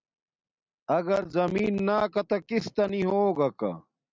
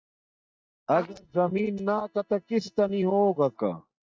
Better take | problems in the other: first | noise reduction (neural mask model DeepFilterNet 3)

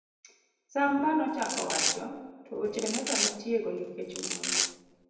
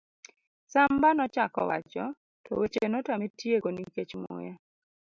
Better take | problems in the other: second | background sound (Domestic sounds, home sounds); as loud as the speech // room echo; dies away in 1 s

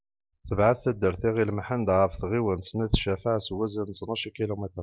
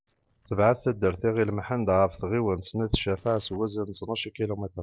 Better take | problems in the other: first | noise reduction (neural separator model SepFormer DNS4)

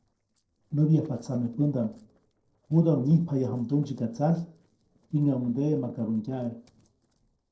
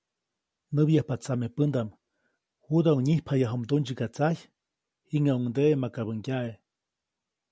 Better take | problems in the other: second | noise reduction (neural separator model SepFormer DNS4)

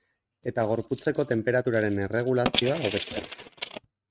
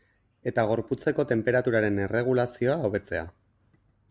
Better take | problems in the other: second | noise reduction (neural mask model RNNoise)

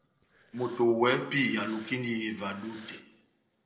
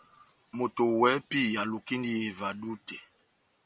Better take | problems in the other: second | noise reduction (neural separator model SepFormer DNS4)

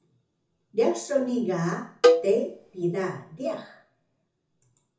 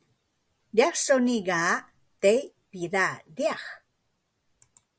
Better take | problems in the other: second | background sound (Cowbell); 4 dB above the speech // room echo; dies away in 0.5 s

